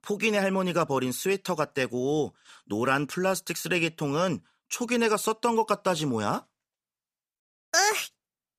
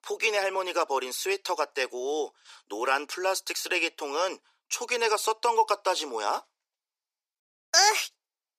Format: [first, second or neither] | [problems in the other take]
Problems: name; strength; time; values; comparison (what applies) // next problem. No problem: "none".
first | thin; very; fading below 350 Hz